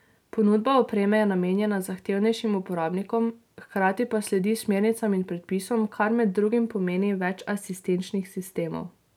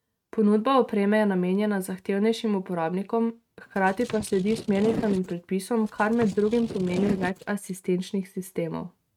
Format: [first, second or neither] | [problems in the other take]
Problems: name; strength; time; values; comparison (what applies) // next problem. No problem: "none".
first | noise reduction (neural mask model RNNoise)